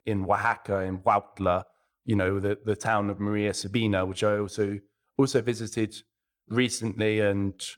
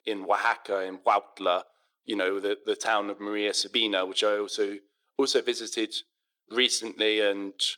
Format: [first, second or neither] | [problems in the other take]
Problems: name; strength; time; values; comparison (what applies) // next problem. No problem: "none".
first | thin; somewhat; fading below 350 Hz